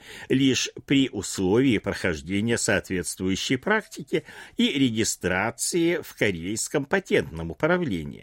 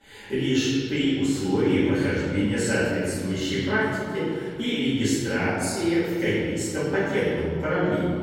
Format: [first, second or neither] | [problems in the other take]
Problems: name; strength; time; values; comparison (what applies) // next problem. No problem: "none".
first | off-mic speech; far // room echo; strong; dies away in 2.1 s